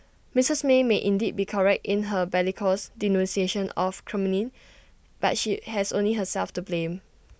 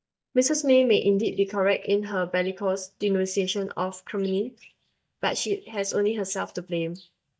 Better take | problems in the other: first | noise reduction (neural mask model DeepFilterNet 3)

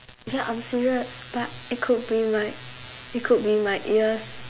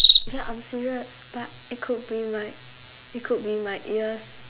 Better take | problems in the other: first | background sound (Cricket); 4 dB above the speech

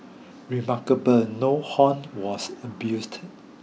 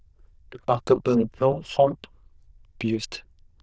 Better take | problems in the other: first | noise reduction (neural diffusion model UNIVERSE++)

